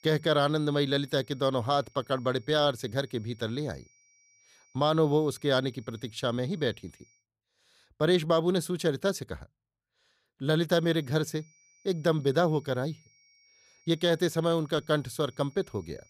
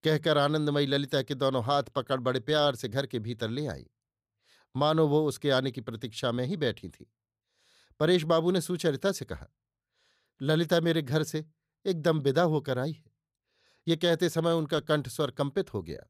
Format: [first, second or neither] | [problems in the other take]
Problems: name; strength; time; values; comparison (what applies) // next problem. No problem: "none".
second | high-pitched whine; faint; until 7 s and from 11 s on; 5.5 kHz, 30 dB below the speech